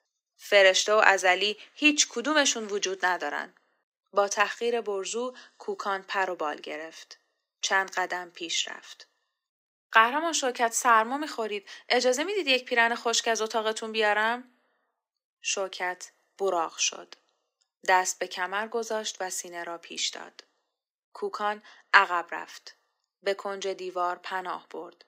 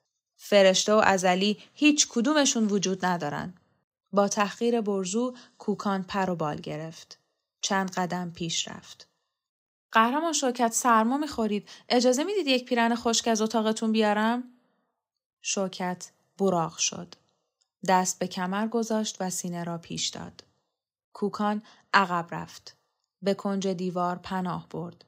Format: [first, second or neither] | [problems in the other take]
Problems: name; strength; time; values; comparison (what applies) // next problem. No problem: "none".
second | thin; somewhat; fading below 300 Hz